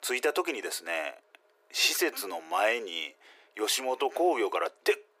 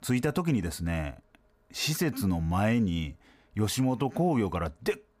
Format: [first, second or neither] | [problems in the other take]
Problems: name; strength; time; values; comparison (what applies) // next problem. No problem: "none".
second | thin; very; fading below 350 Hz